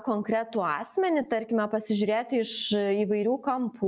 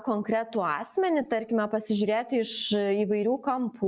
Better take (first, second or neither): first